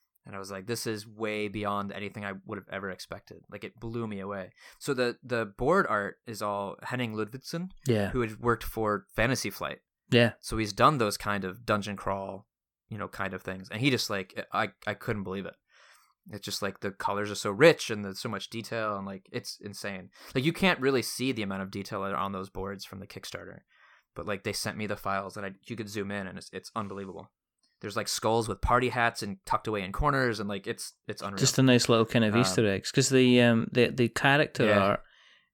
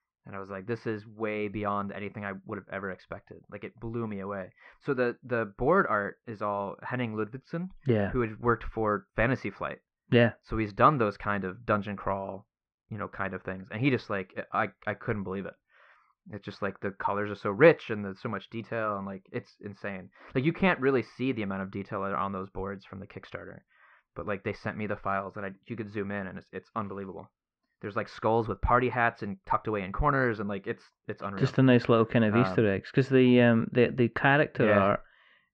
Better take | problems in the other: first | muffled; very; fading above 2.5 kHz

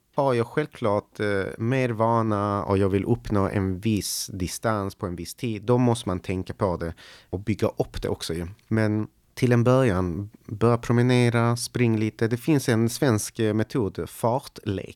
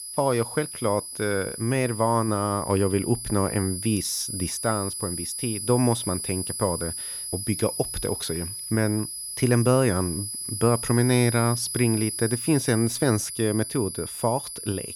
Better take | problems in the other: first | high-pitched whine; loud; throughout; 10 kHz, 6 dB below the speech

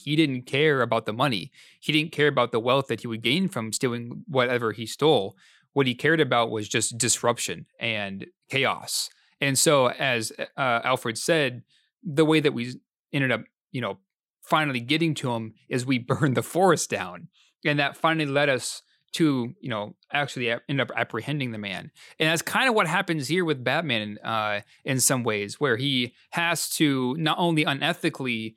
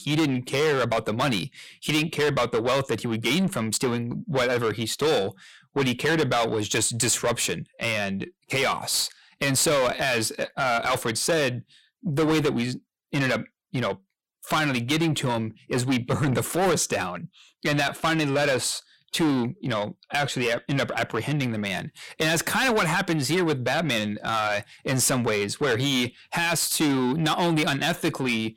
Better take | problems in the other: first | distortion; heavy; 6 dB below the speech

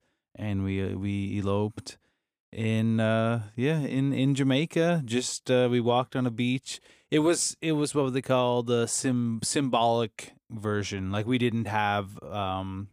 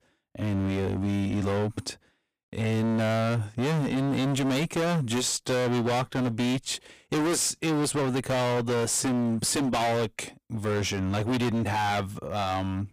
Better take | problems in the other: first | distortion; heavy; 32% of the sound clipped

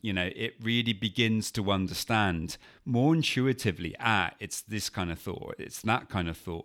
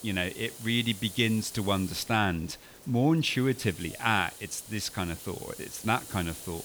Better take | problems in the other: first | hiss; noticeable; throughout; 15 dB below the speech

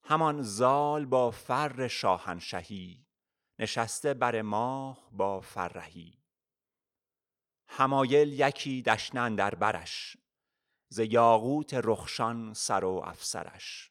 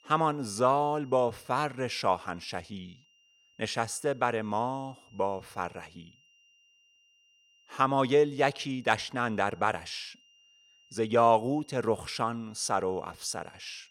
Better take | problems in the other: first | high-pitched whine; faint; throughout; 3 kHz, 30 dB below the speech

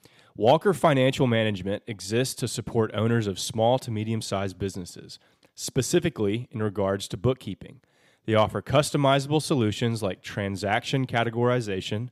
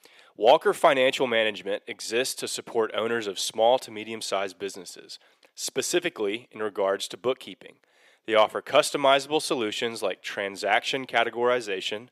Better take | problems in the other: first | thin; somewhat; fading below 500 Hz

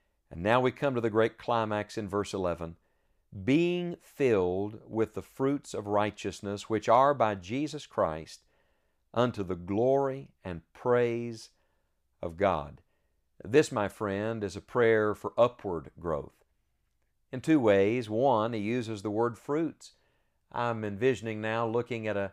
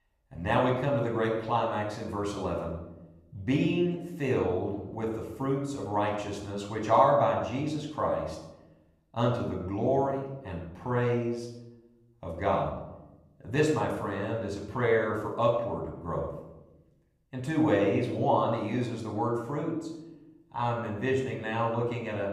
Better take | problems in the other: first | off-mic speech; somewhat distant // room echo; noticeable; dies away in 0.8 s

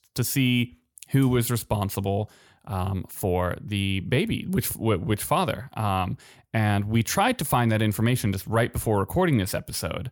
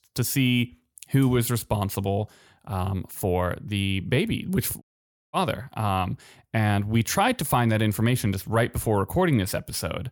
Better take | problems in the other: first | audio cutting out; at 5 s for 0.5 s

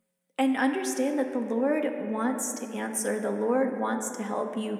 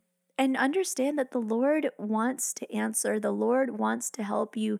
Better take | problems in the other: second | room echo; slight; dies away in 2 s

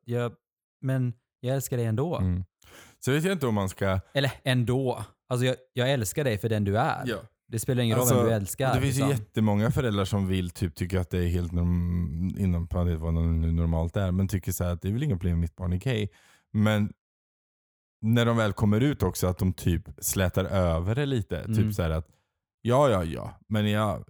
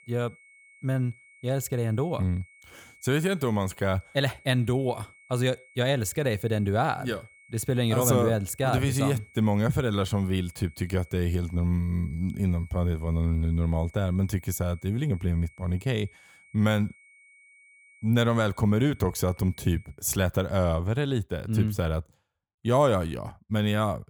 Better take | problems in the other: first | high-pitched whine; faint; until 20 s; 2 kHz, 25 dB below the speech

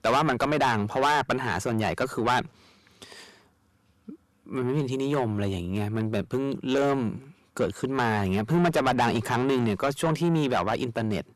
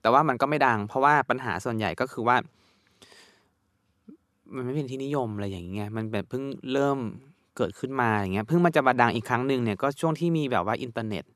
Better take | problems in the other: second | distortion; heavy; 6 dB below the speech

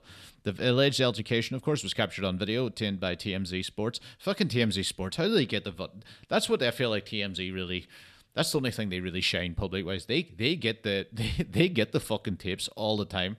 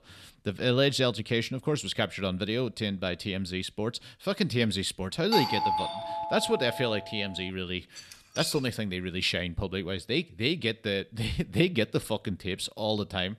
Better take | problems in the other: first | doorbell; loud; from 5.5 to 7 s; peak 2 dB above the speech // clattering dishes; noticeable; at 8 s; peak 9 dB below the speech

